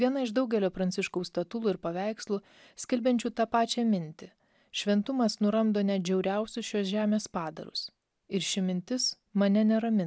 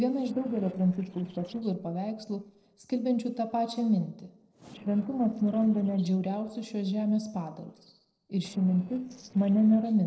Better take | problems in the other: first | noise reduction (neural separator model SepFormer DNS4)

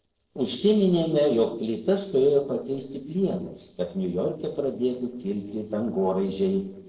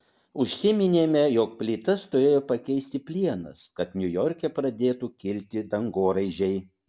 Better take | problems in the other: second | noise reduction (neural separator model SepFormer DNS4)

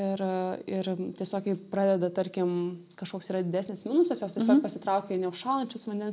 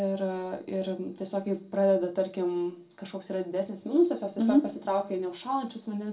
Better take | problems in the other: first | room echo; dies away in 0.2 s

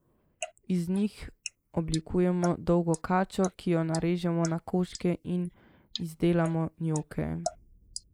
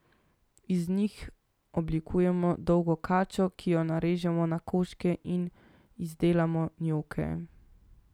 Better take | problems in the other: second | noise reduction (neural mask model Resemble Enhance denoiser)

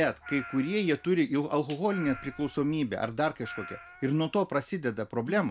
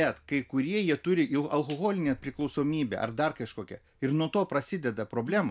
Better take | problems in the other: second | background sound (Meow); 17 dB below the speech

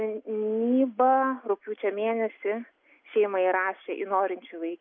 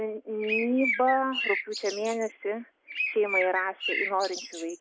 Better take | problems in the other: first | background sound (Bird); 4 dB below the speech

